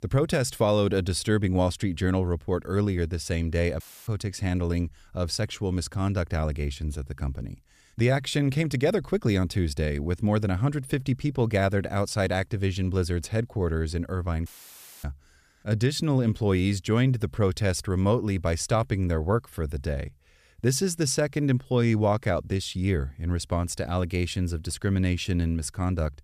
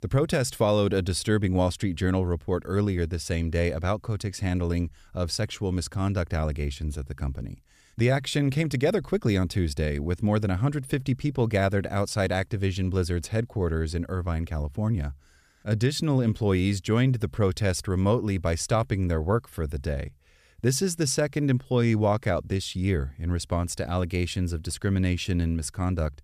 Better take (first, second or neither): second